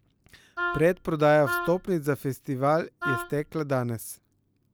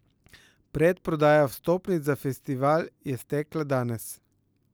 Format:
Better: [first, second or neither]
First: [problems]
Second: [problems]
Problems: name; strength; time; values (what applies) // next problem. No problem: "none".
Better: second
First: background sound (Wind instrument, woodwind instrument); 7 dB below the speech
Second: none